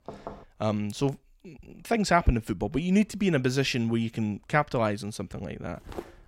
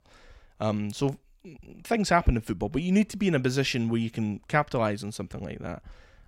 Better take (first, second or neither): second